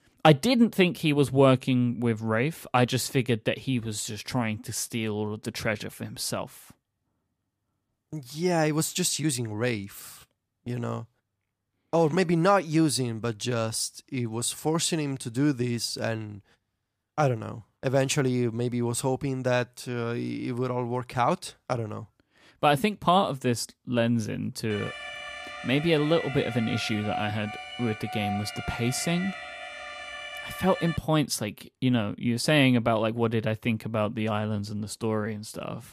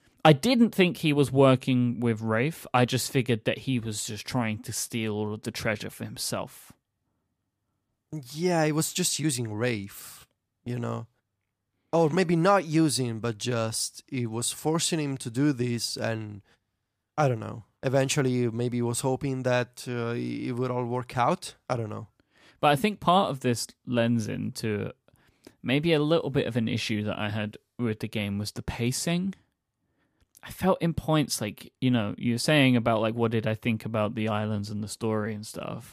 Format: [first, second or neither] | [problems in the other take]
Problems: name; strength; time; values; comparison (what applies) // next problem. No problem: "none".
second | alarm; noticeable; from 25 to 31 s; peak 7 dB below the speech